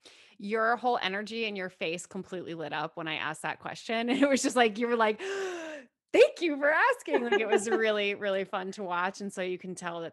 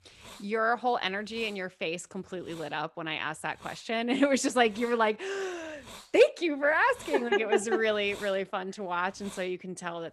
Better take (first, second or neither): first